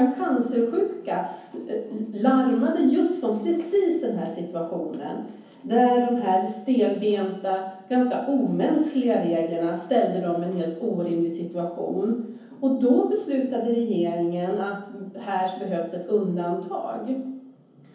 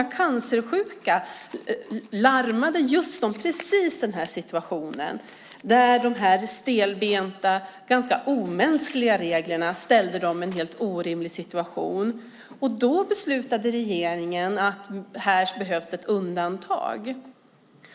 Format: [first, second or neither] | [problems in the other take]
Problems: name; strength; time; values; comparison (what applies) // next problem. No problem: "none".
second | room echo; dies away in 0.7 s